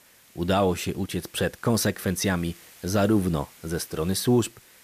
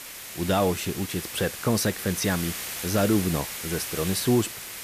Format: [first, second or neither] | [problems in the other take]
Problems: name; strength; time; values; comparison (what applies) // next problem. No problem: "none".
first | hiss; loud; throughout; 6 dB below the speech; faint in the first